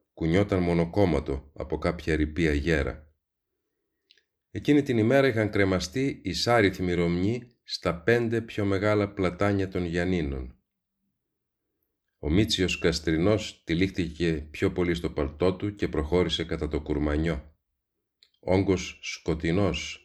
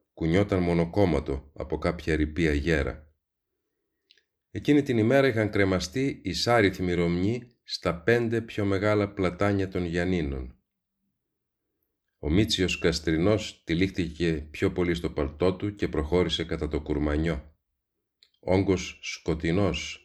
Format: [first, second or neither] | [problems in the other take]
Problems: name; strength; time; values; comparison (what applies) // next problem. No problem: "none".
neither | none